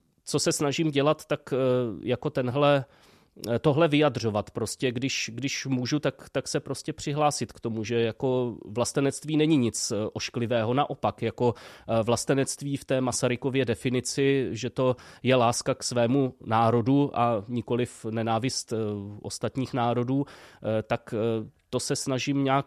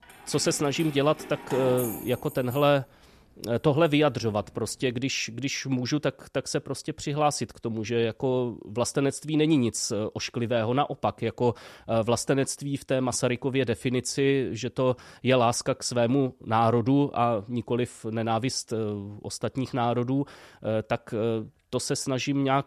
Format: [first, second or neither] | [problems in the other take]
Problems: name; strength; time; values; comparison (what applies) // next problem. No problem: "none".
first | jangling keys; noticeable; until 4.5 s; peak 6 dB below the speech